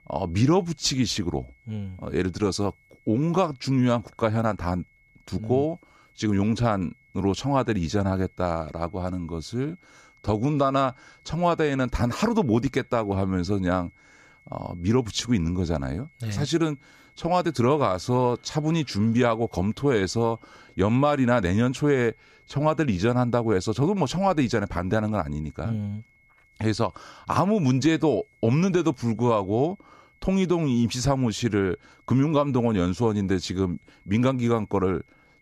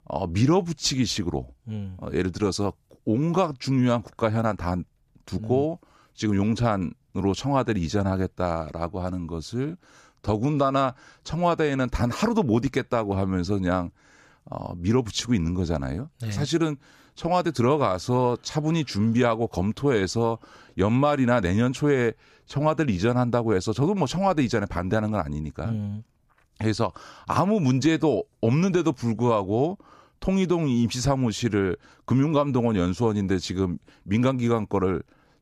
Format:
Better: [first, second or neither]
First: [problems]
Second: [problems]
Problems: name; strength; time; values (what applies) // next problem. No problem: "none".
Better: second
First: high-pitched whine; faint; throughout; 2 kHz, 35 dB below the speech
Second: none